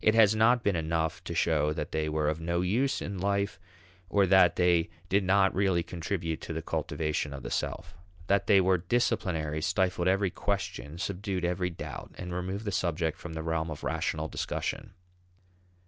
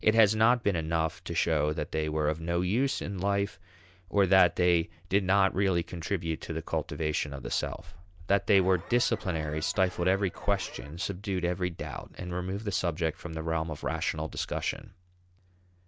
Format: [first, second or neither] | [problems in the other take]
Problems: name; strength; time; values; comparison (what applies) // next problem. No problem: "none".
first | background sound (Alarm); 18 dB below the speech